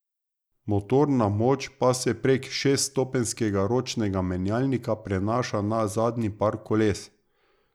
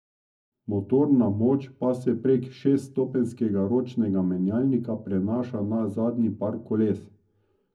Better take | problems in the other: first | room echo; dies away in 0.4 s

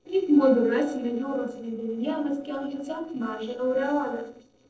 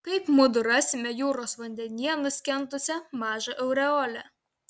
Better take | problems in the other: second | noise reduction (neural separator model SepFormer DNS4)

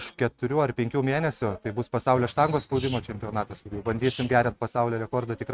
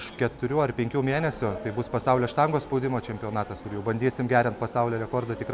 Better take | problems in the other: second | noise reduction (neural mask model RNNoise)

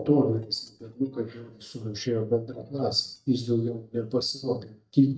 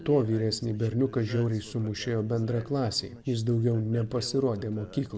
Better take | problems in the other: second | noise reduction (neural mask model DeepFilterNet 3)

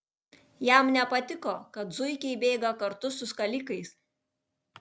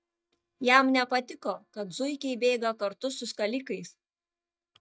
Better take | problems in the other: first | noise reduction (neural mask model DeepFilterNet 3)

